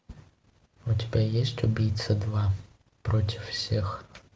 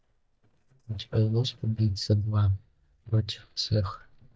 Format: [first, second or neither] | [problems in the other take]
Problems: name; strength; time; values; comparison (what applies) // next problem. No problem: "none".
first | noise reduction (neural mask model DeepFilterNet 3)